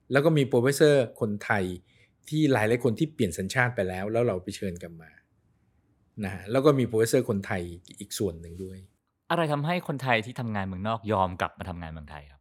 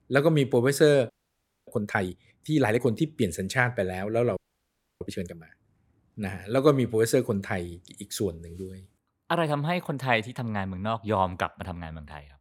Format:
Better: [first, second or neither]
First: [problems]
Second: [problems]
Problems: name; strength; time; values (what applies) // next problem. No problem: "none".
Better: first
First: none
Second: audio freezing; at 1 s for 0.5 s and at 4.5 s for 0.5 s